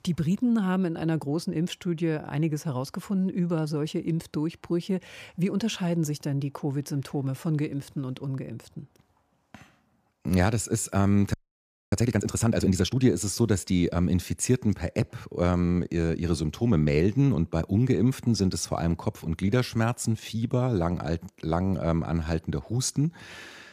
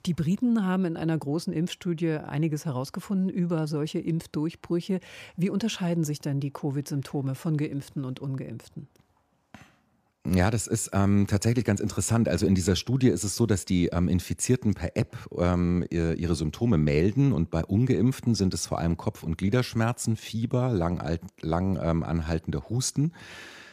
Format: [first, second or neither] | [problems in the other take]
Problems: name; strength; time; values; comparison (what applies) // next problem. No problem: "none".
second | audio freezing; at 11 s for 0.5 s